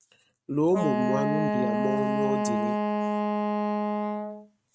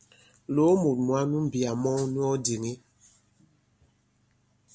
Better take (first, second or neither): second